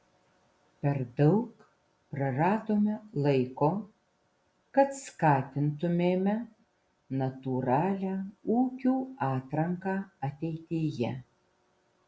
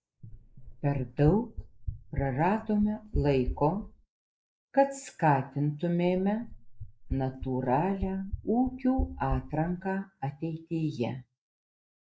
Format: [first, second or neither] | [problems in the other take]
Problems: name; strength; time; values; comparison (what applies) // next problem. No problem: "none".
first | noise reduction (neural mask model Resemble Enhance denoiser)